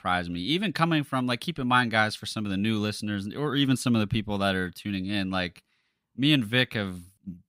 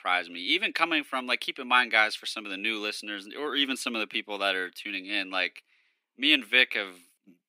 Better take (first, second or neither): first